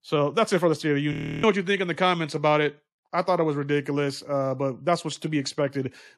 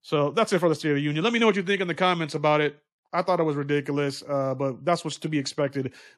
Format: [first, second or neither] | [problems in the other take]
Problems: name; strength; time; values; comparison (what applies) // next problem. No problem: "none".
second | audio freezing; at 1 s